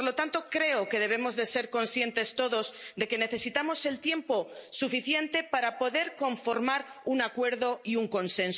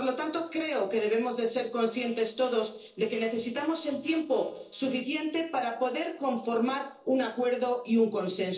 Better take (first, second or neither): first